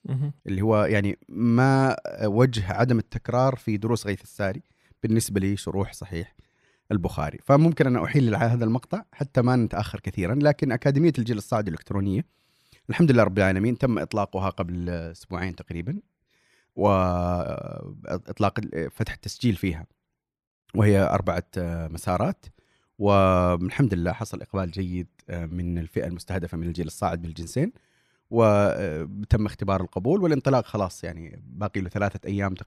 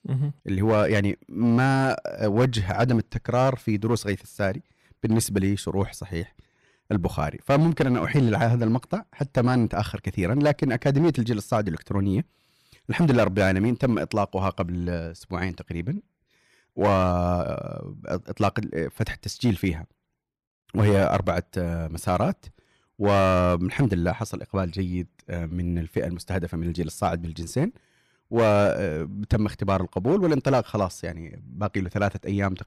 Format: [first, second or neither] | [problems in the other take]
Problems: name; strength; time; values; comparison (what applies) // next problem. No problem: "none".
first | distortion; slight; 5% of the sound clipped